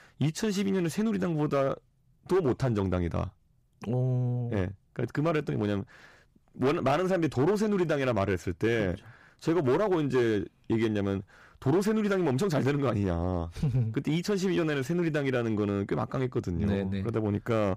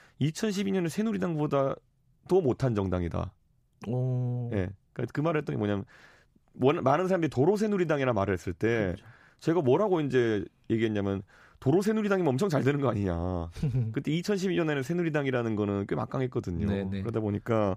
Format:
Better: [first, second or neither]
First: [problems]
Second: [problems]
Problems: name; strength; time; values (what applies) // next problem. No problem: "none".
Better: second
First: distortion; slight; 6% of the sound clipped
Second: none